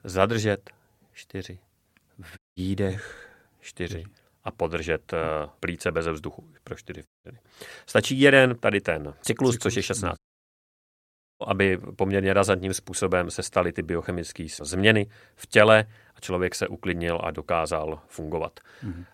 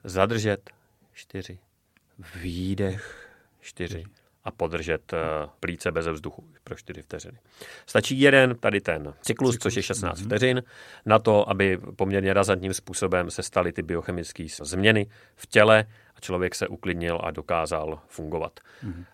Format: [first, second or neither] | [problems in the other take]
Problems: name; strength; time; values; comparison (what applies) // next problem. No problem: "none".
second | audio cutting out; at 2.5 s, at 7 s and at 10 s for 1 s